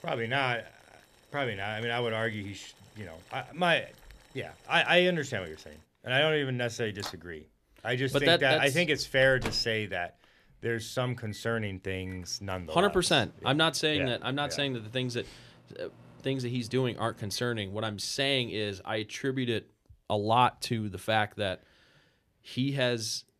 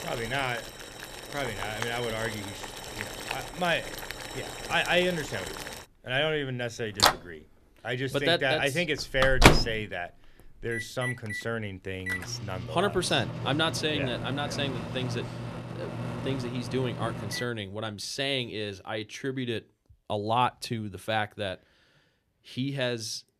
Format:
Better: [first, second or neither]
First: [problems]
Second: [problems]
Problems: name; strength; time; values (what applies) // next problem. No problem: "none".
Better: first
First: household noises; faint; until 17 s; 20 dB below the speech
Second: household noises; loud; until 17 s; 2 dB below the speech